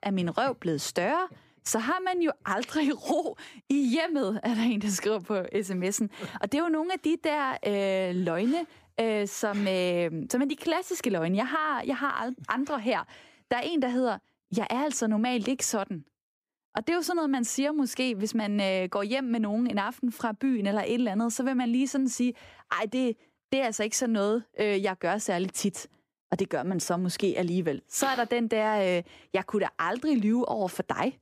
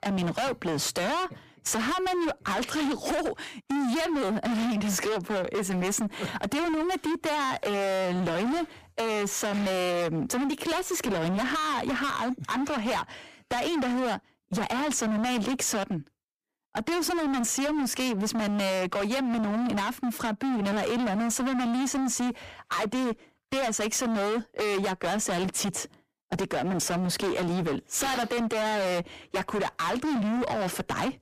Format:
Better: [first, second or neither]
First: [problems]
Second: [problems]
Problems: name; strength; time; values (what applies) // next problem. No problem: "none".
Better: first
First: none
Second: distortion; heavy; 40% of the sound clipped